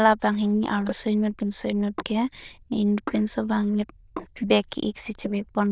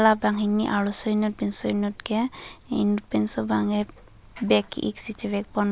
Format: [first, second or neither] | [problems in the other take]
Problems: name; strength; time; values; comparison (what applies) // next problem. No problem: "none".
second | noise reduction (neural diffusion model UNIVERSE++)